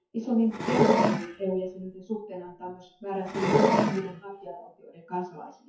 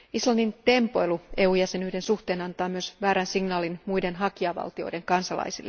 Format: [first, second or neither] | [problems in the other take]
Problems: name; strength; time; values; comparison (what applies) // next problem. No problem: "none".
second | noise reduction (classical method WPE with log-MMSE)